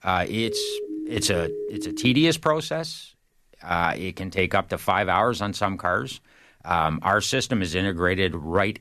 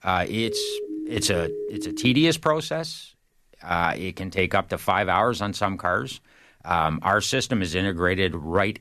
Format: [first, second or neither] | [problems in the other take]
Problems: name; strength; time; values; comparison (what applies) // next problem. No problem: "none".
neither | siren; noticeable; until 2 s; peak 7 dB below the speech; the same in both